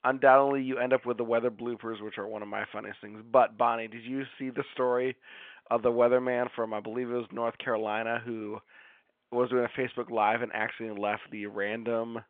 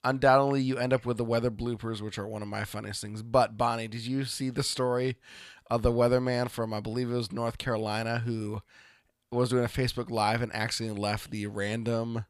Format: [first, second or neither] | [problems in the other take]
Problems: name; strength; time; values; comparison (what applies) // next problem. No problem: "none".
second | phone-call audio